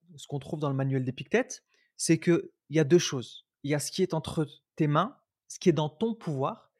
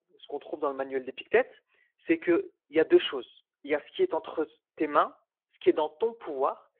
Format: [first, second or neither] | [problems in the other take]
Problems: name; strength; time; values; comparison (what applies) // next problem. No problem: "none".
first | phone-call audio